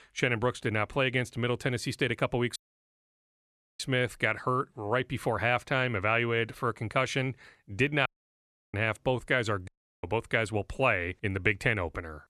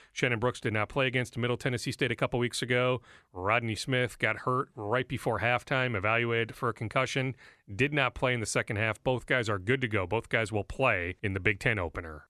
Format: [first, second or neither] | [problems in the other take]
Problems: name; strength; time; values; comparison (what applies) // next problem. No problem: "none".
second | audio cutting out; at 2.5 s for 1 s, at 8 s for 0.5 s and at 9.5 s